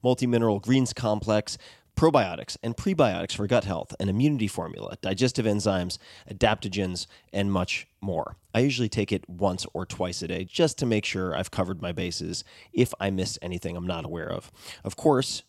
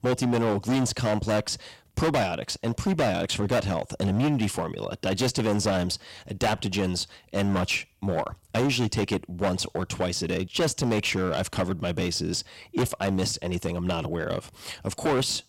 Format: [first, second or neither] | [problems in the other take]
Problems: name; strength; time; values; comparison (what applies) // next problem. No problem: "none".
first | distortion; heavy; 13% of the sound clipped